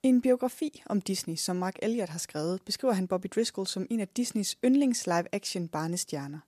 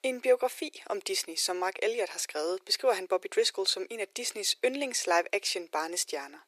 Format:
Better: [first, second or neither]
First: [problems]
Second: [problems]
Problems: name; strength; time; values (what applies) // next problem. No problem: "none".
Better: first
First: none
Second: thin; very; fading below 400 Hz